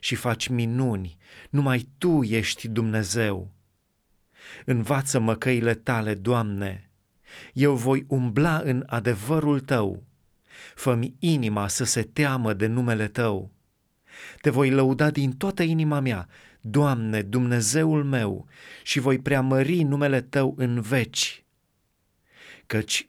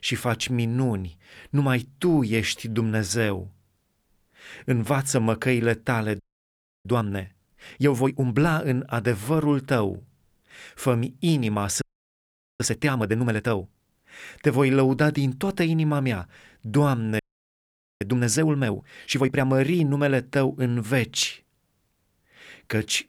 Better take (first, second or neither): first